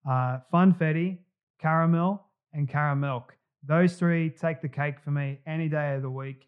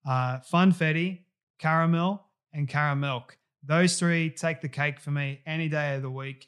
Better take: second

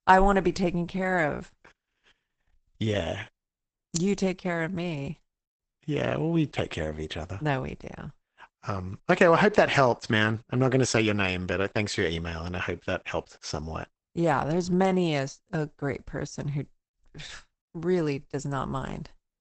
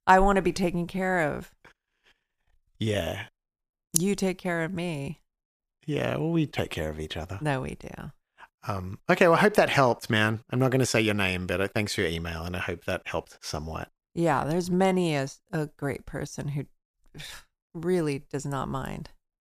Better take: second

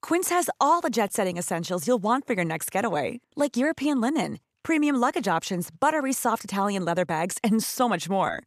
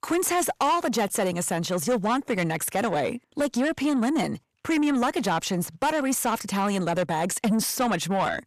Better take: first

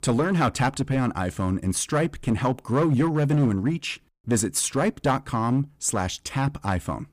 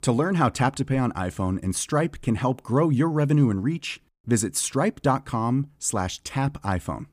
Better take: second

